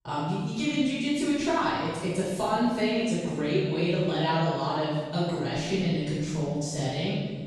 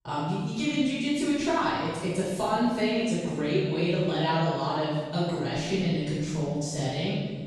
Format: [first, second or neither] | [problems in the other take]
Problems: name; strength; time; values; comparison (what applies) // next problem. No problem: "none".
neither | off-mic speech; far; the same in both // room echo; strong; dies away in 1.6 s; the same in both